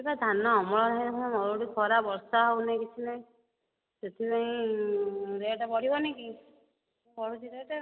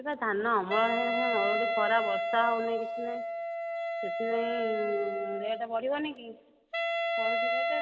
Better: first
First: none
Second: background sound (Wind instrument, woodwind instrument); as loud as the speech

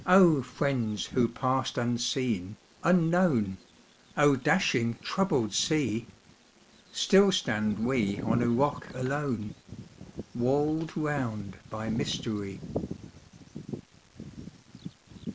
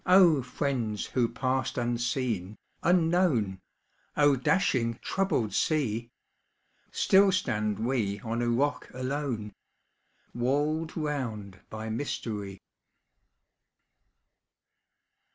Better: second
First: background sound (Bird vocalization, bird call, bird song); 13 dB below the speech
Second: none

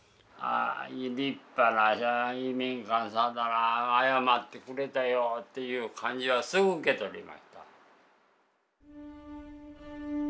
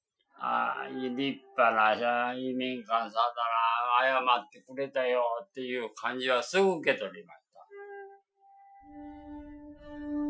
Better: first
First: none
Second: noise reduction (classical method Wiener filter)

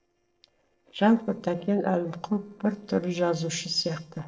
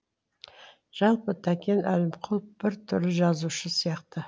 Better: second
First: noise reduction (neural separator model SepFormer DNS4)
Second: none

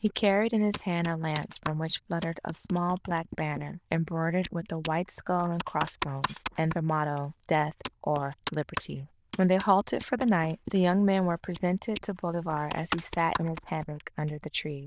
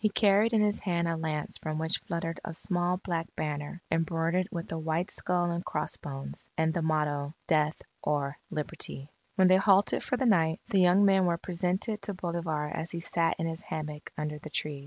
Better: second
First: noise reduction (neural diffusion model UNIVERSE++)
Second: none

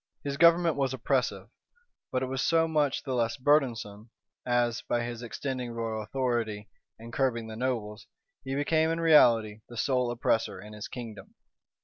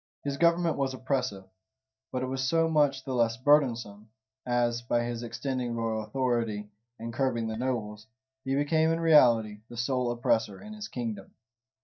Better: first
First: none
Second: noise reduction (neural mask model DeepFilterNet 3)

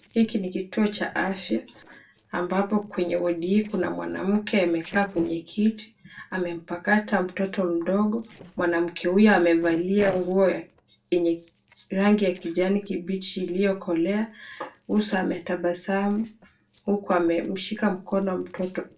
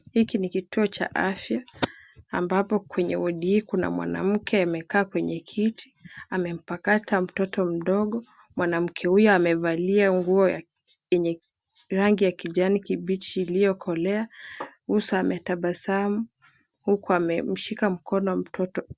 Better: second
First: noise reduction (neural separator model SepFormer DNS4)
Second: none

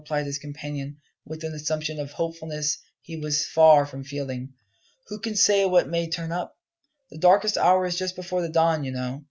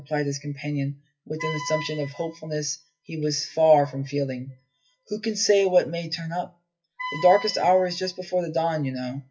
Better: first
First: none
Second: noise reduction (classical method WPE with log-MMSE)

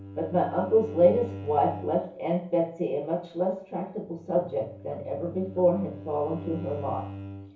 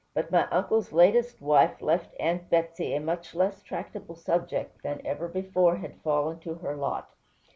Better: second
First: background sound (Bowed string instrument); 13 dB below the speech // room echo; dies away in 0.7 s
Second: none

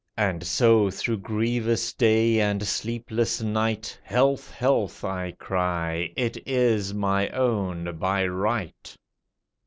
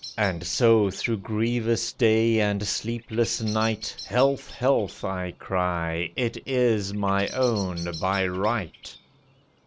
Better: first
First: none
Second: background sound (Bird vocalization, bird call, bird song); 19 dB below the speech

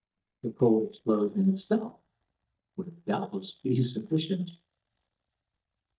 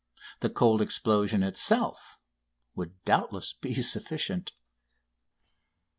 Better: second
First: noise reduction (neural mask model DeepFilterNet 3)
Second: none

